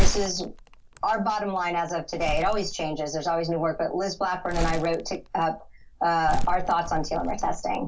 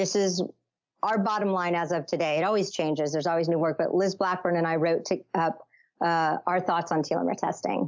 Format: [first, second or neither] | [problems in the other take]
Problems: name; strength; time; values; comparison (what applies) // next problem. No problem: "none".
second | background sound (Crumpling, crinkling); 2 dB below the speech // room echo; dies away in 0.1 s